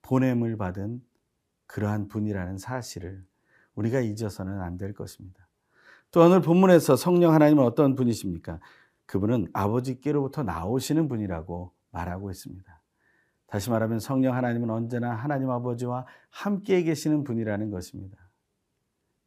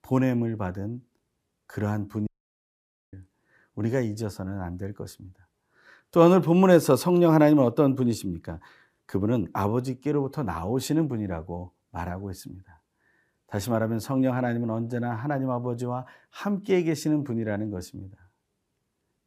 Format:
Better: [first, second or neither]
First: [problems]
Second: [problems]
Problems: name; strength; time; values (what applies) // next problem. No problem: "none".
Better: first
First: none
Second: audio cutting out; at 2.5 s for 1 s